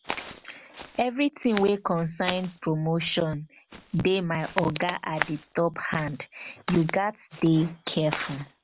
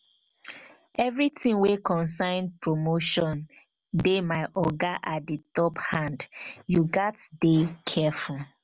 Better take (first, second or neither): second